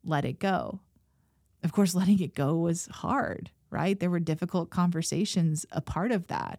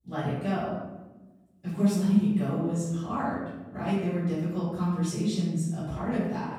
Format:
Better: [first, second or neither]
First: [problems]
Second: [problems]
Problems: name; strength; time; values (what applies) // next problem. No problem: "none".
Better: first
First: none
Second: off-mic speech; far // room echo; strong; dies away in 0.9 s